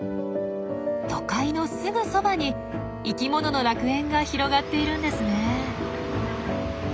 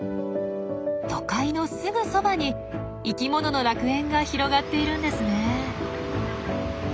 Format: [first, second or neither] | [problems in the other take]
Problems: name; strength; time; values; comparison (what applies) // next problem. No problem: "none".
second | background sound (Bowed string instrument); 13 dB below the speech